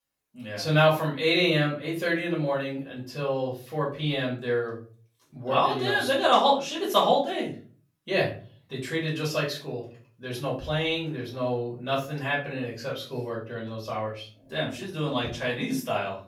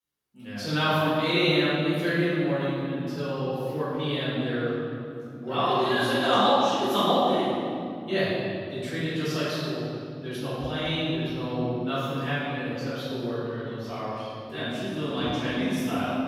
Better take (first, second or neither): first